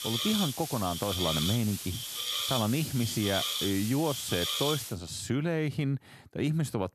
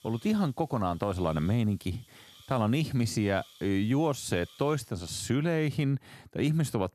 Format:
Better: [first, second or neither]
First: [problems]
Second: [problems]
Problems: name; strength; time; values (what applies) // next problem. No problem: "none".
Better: second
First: hiss; loud; until 5 s; 1 dB below the speech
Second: hiss; faint; until 5 s; 25 dB below the speech